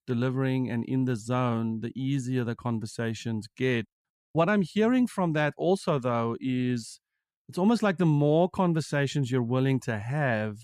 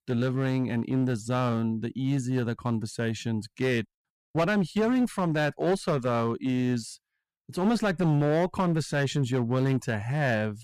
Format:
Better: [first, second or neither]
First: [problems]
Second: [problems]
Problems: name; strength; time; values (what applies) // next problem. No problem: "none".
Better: first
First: none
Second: distortion; slight; 12% of the sound clipped